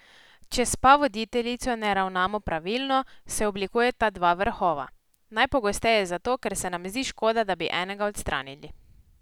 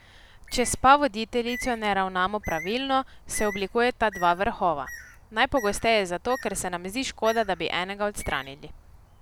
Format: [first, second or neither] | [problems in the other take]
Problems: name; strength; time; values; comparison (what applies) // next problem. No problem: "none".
first | background sound (Bird); 18 dB below the speech